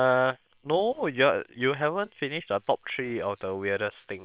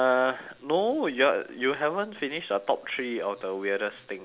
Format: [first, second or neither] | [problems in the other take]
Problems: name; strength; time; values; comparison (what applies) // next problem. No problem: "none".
second | noise reduction (neural separator model SepFormer WHAM!)